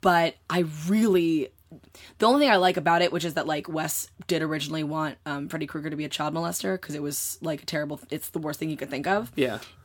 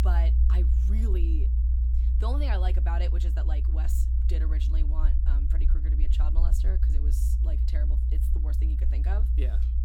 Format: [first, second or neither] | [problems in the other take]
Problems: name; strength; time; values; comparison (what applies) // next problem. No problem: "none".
first | low rumble; loud; throughout; 3 dB below the speech